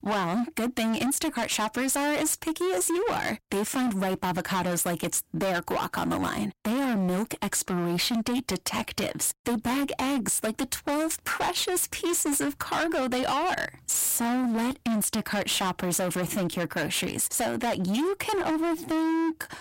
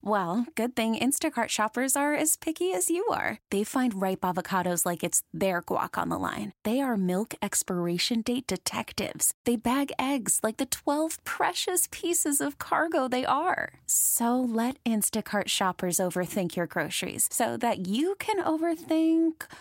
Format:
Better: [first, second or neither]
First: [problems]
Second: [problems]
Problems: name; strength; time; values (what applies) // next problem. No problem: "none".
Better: second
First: distortion; heavy; 32% of the sound clipped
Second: none